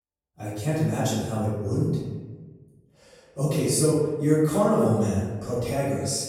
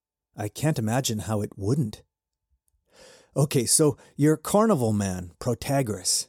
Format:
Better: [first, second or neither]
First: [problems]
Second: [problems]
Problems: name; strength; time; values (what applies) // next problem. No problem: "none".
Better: second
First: off-mic speech; far // room echo; strong; dies away in 1.1 s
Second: none